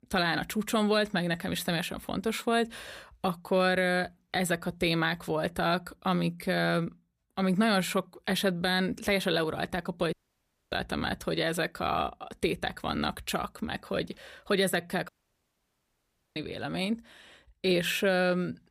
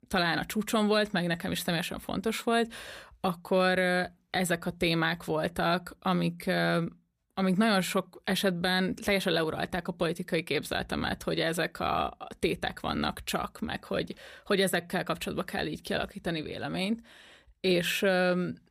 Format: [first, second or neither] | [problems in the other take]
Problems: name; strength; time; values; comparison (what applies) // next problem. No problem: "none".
second | audio cutting out; at 10 s for 0.5 s and at 15 s for 1.5 s